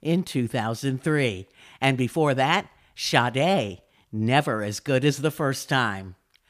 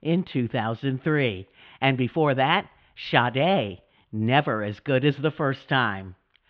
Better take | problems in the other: first | muffled; very; fading above 3.5 kHz

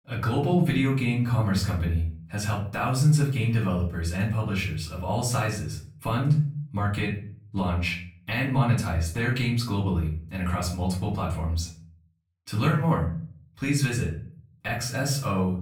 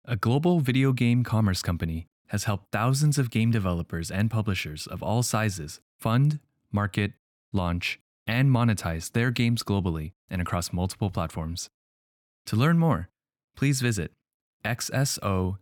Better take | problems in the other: second | room echo; slight; dies away in 0.4 s // off-mic speech; far

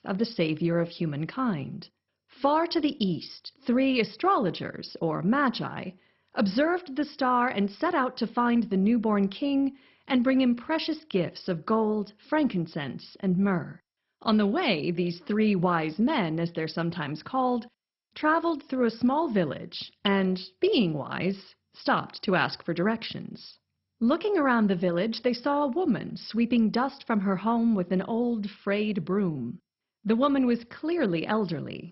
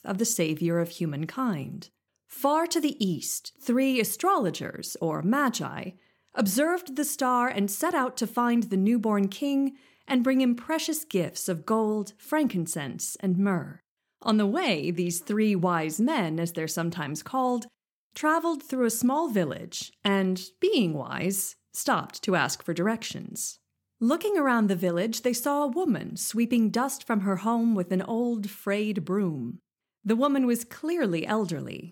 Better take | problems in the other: second | garbled, watery; badly; nothing above 5.5 kHz

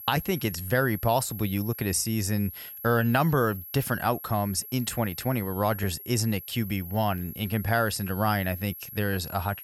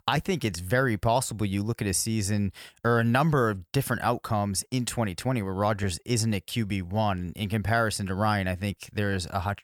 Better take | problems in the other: second | high-pitched whine; noticeable; throughout; 11.5 kHz, 10 dB below the speech

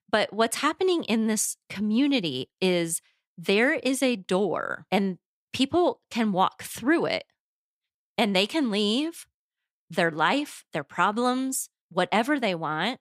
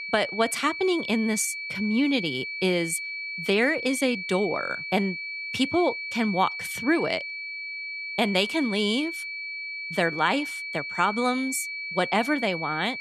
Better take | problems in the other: first | high-pitched whine; loud; throughout; 2.5 kHz, 6 dB below the speech

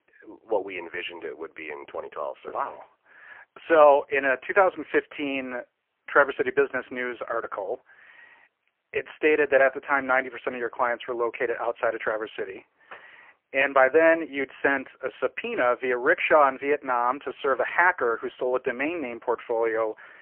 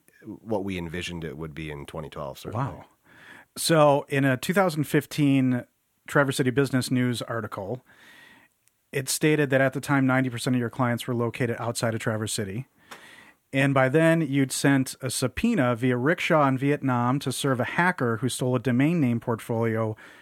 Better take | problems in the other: second | phone-call audio; poor line; nothing above 3 kHz

